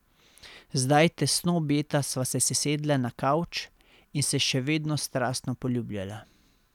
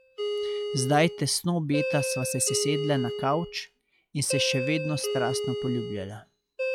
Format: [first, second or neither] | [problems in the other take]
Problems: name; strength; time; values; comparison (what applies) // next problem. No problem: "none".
first | noise reduction (classical method log-MMSE)